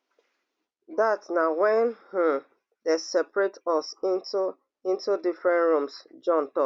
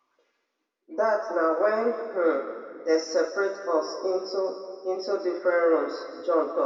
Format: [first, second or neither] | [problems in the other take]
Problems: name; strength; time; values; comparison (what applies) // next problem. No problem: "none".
first | room echo; dies away in 2 s